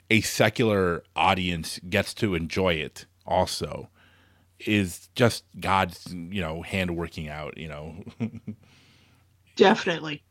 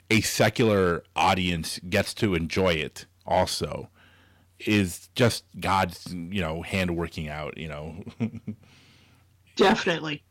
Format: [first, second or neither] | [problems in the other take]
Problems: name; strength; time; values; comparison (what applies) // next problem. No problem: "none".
first | distortion; slight; 1.4% of the sound clipped